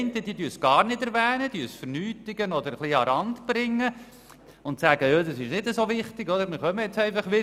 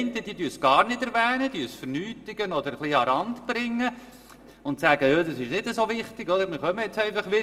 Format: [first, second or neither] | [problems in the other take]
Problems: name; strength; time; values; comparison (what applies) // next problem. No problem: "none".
first | room echo; dies away in 0.8 s